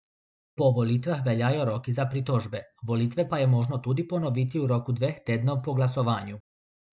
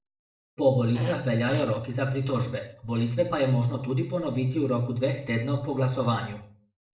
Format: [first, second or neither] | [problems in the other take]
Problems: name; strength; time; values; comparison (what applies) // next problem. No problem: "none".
first | noise reduction (neural separator model SepFormer DNS4)